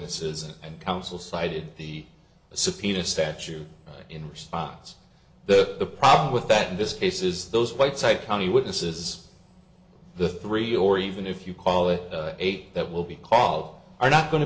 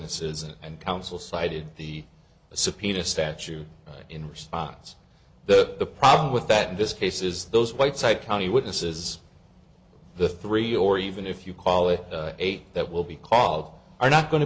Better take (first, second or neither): second